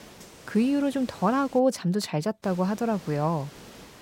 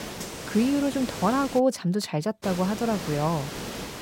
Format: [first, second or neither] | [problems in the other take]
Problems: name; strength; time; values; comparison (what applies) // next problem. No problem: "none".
first | hiss; loud; until 1.5 s and from 2.5 s on; 9 dB below the speech; faint in the first